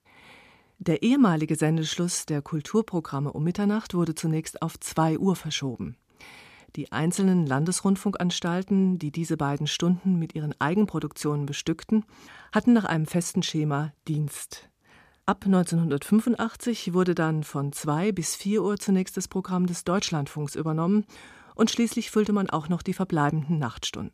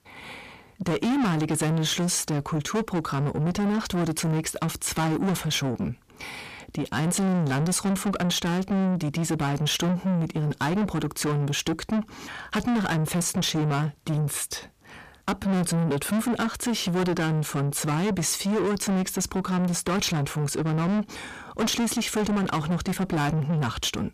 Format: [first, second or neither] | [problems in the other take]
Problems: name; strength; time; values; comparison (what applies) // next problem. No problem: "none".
first | distortion; heavy; 6 dB below the speech